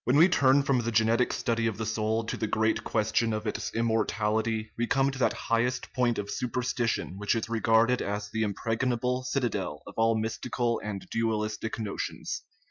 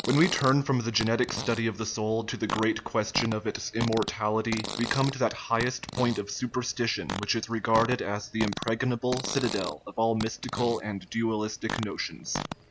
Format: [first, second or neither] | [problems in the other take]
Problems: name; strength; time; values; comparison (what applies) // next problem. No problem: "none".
first | background sound (Fart); 10 dB below the speech